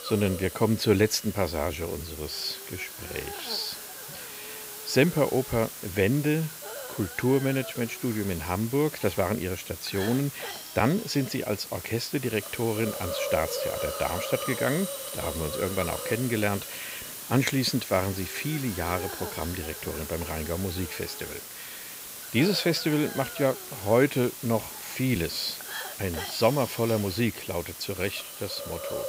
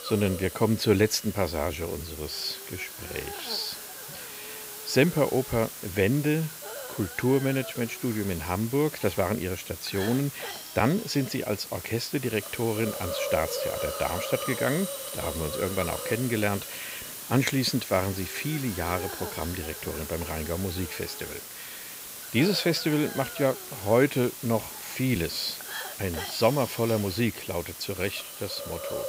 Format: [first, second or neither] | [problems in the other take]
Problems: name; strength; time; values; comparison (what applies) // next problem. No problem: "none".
neither | hiss; loud; throughout; 8 dB below the speech; the same in both